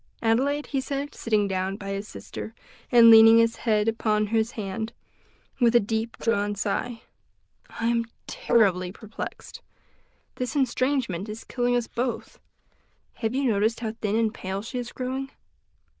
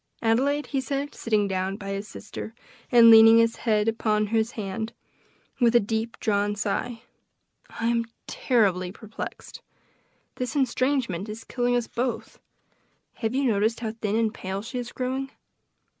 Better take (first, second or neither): second